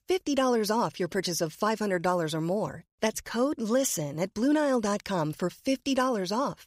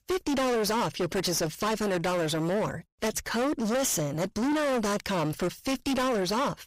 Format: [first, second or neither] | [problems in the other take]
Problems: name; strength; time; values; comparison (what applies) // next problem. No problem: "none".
first | distortion; heavy; 32% of the sound clipped